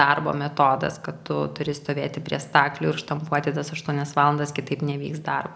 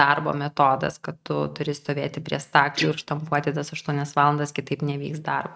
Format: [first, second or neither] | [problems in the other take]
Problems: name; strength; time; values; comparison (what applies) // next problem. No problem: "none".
first | noise reduction (neural mask model RNNoise)